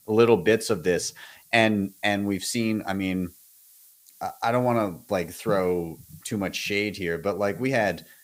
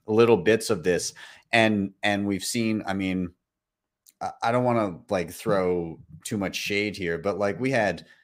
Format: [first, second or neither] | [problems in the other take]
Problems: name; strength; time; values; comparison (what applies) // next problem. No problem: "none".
second | hiss; faint; throughout; 25 dB below the speech